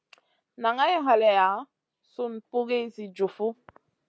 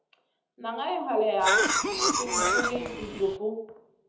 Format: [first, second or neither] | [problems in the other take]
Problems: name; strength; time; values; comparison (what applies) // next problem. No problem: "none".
first | background sound (Cough); 5 dB above the speech // room echo; dies away in 0.9 s